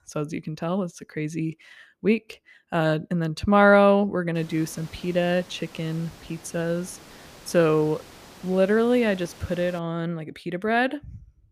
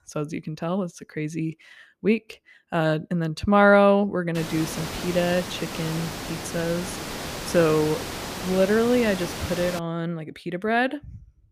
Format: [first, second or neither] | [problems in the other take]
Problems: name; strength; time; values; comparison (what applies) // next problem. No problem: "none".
first | hiss; loud; from 4.5 to 10 s; 8 dB below the speech; faint in the first